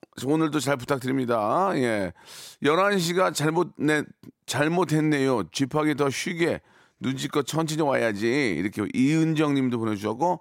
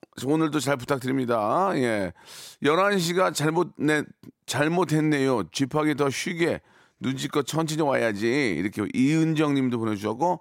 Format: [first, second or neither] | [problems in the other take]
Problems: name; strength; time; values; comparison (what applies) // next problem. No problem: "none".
neither | none